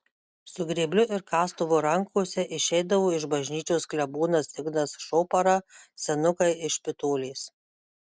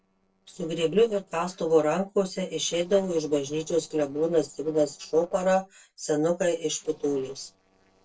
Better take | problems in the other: first | noise reduction (neural separator model SepFormer DNS4)

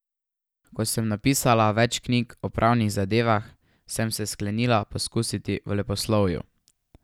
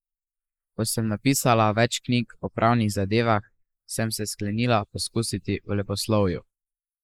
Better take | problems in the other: first | noise reduction (neural mask model Resemble Enhance denoiser)

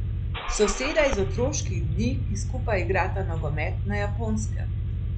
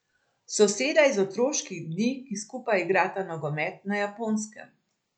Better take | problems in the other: second | background sound (Engine starting / Car); 2 dB above the speech

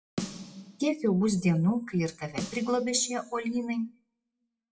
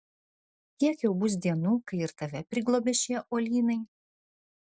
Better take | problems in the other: second | noise reduction (classical method WPE with log-MMSE)

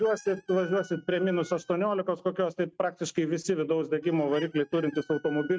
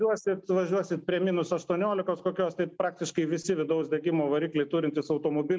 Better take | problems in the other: second | noise reduction (neural mask model RNNoise)

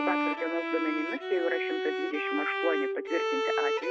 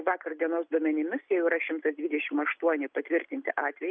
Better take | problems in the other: second | background sound (Bowed string instrument); 2 dB above the speech

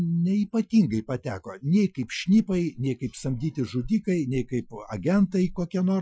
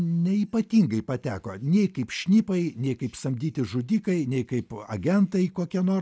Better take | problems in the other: second | noise reduction (classical method Wiener filter)

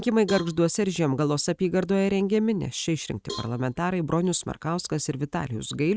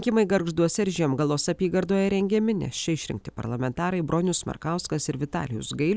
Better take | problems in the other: second | noise reduction (neural mask model RNNoise)

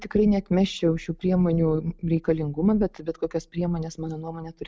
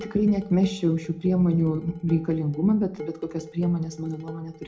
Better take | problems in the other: first | background sound (Dishes, pots, and pans); 18 dB below the speech // room echo; dies away in 0.3 s

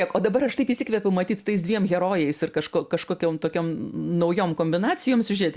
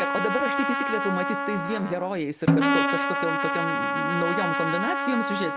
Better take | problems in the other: first | background sound (Trumpet + Snare drum); 3 dB above the speech

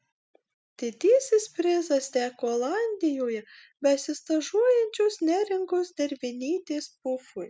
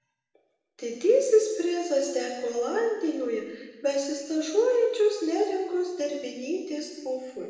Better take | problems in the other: first | room echo; dies away in 1.2 s

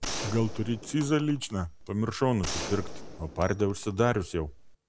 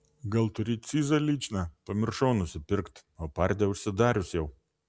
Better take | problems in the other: second | background sound (Gunshot, gunfire); 9 dB below the speech

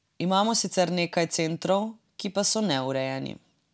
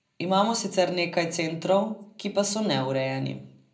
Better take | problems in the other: first | room echo; dies away in 0.5 s

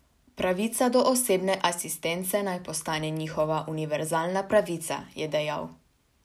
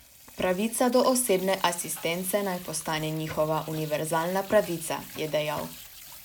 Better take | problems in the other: first | background sound (Sink (filling or washing) / Water tap, faucet); 17 dB below the speech

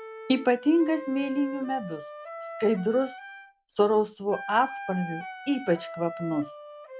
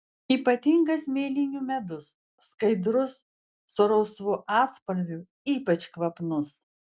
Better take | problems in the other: second | background sound (Wind instrument, woodwind instrument); 13 dB below the speech

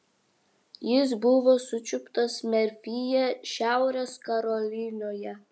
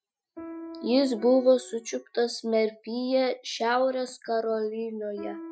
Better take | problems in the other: first | noise reduction (classical method Wiener filter)

